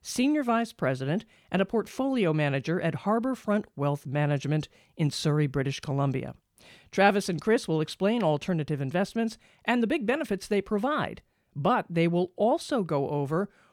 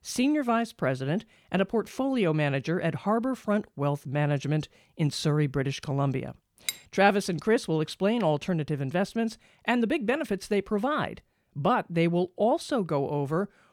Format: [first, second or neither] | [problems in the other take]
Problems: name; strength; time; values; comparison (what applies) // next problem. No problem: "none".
first | clattering dishes; very faint; at 6.5 s; peak 7 dB below the speech